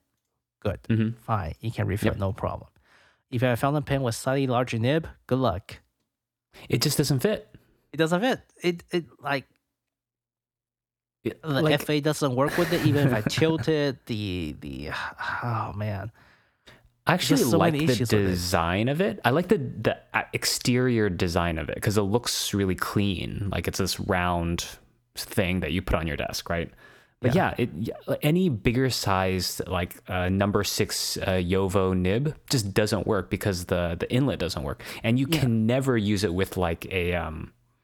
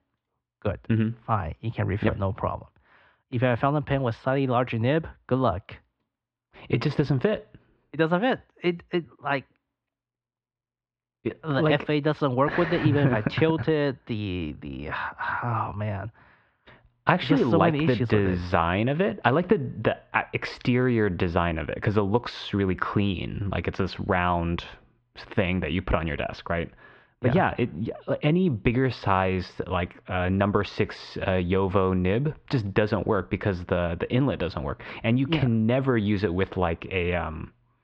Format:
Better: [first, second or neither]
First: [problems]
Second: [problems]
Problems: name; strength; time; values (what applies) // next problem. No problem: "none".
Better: first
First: none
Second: muffled; very; fading above 3 kHz